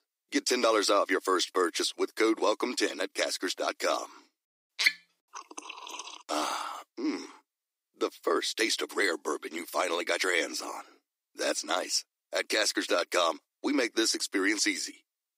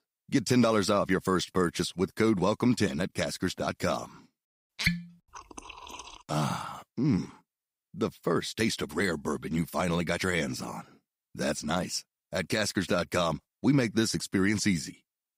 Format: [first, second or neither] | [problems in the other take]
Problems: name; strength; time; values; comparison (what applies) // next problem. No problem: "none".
second | thin; somewhat; fading below 300 Hz